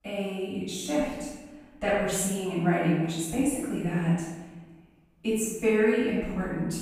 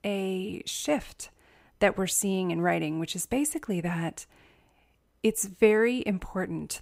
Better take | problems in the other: second | room echo; strong; dies away in 1.1 s // off-mic speech; far

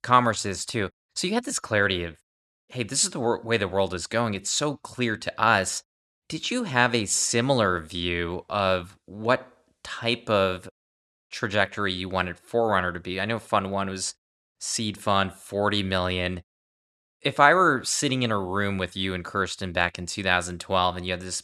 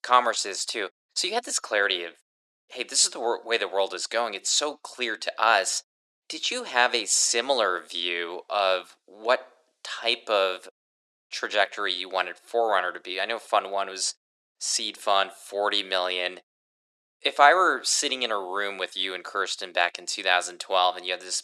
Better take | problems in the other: first | thin; very; fading below 350 Hz

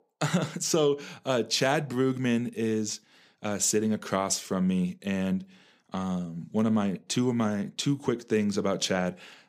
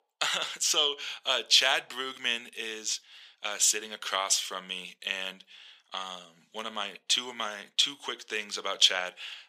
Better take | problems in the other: first | thin; very; fading below 950 Hz

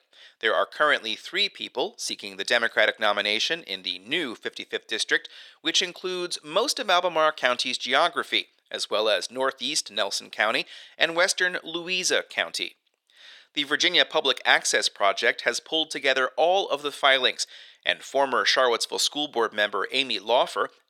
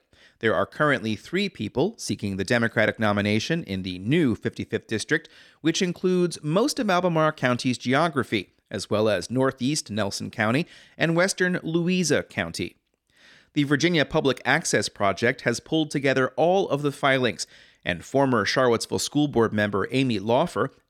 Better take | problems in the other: second | thin; very; fading below 650 Hz

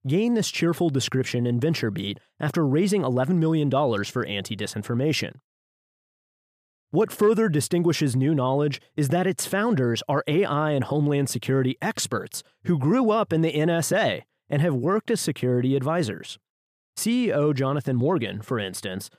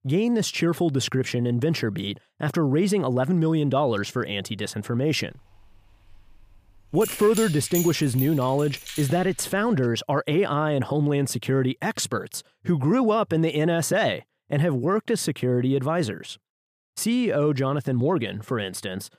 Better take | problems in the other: first | jangling keys; noticeable; from 6 to 9.5 s; peak 6 dB below the speech

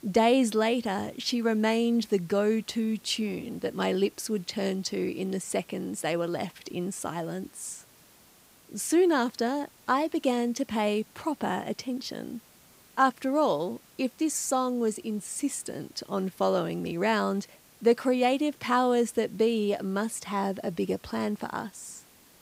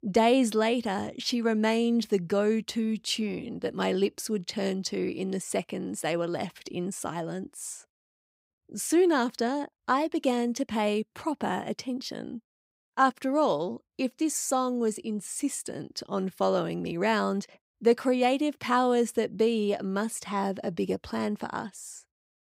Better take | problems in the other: second | hiss; faint; throughout; 25 dB below the speech

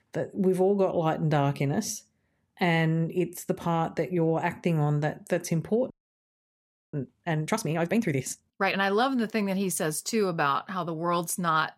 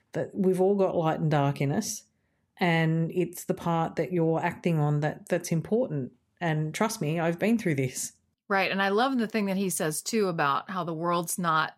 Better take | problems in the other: second | audio freezing; at 6 s for 1 s

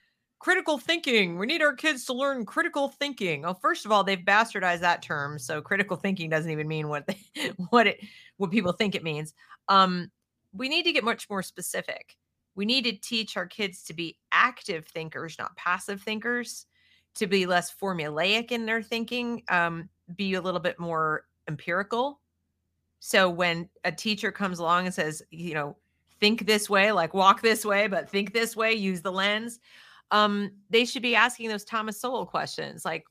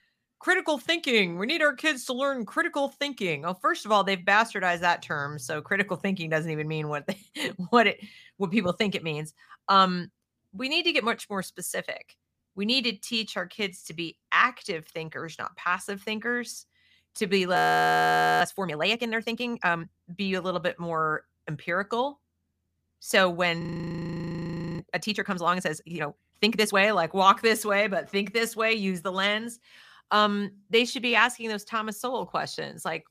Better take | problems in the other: first | audio freezing; at 18 s for 1 s and at 24 s for 1 s

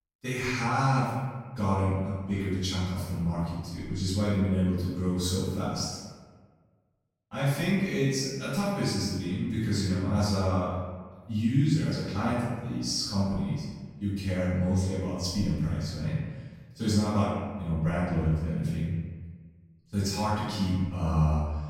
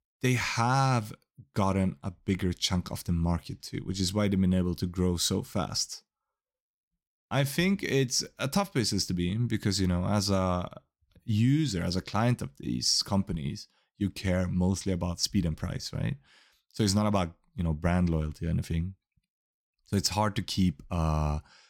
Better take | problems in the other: second | room echo; strong; dies away in 1.3 s // off-mic speech; far

